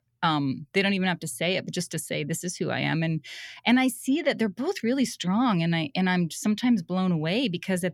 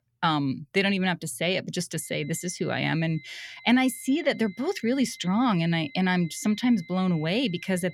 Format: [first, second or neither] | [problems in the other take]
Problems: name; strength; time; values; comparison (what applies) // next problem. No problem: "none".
first | high-pitched whine; faint; from 2 s on; 2 kHz, 20 dB below the speech